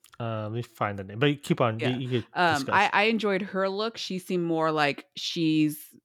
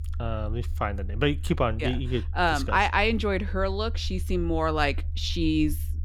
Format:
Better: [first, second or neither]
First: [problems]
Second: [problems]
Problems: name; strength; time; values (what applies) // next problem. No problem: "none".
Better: first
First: none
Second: low rumble; faint; throughout; 25 dB below the speech